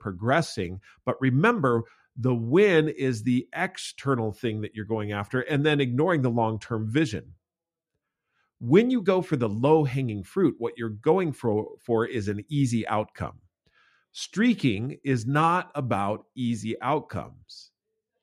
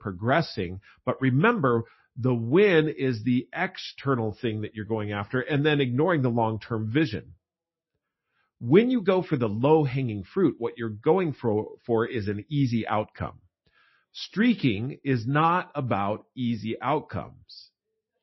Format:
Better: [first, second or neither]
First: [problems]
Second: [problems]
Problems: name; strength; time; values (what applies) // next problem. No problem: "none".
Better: first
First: none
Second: garbled, watery; slightly; nothing above 5.5 kHz